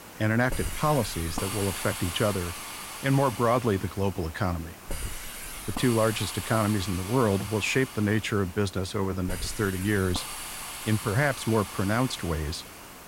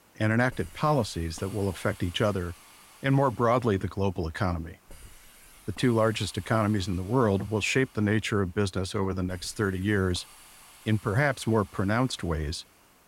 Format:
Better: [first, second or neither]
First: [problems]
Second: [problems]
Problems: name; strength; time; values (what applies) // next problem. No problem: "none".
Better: second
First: hiss; loud; throughout; 9 dB below the speech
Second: hiss; faint; throughout; 25 dB below the speech